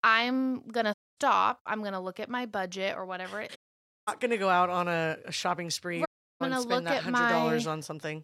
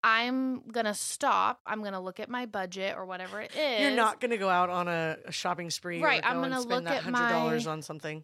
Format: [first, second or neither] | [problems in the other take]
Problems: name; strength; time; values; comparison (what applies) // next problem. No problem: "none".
second | audio cutting out; at 1 s, at 3.5 s for 0.5 s and at 6 s